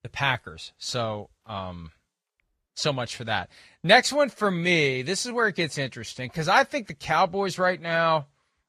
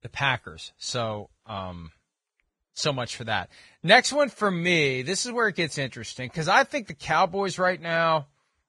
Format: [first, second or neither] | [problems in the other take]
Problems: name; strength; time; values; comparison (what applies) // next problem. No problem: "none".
first | garbled, watery; badly; nothing above 10 kHz; slightly in the first